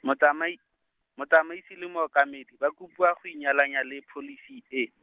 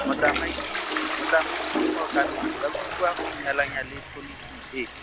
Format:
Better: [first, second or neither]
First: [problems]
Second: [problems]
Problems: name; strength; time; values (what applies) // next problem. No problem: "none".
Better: first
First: none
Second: background sound (Toilet flush); as loud as the speech